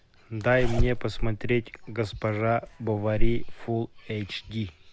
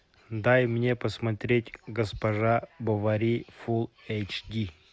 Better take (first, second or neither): second